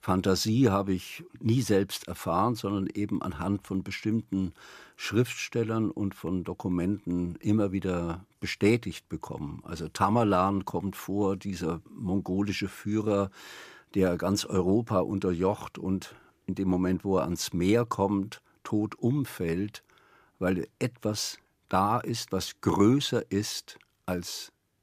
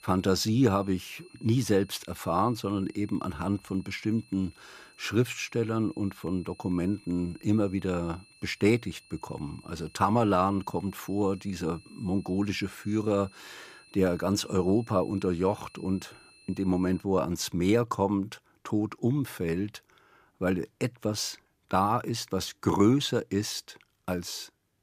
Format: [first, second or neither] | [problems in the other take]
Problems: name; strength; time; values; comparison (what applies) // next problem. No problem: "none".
first | high-pitched whine; faint; until 17 s; 2.5 kHz, 25 dB below the speech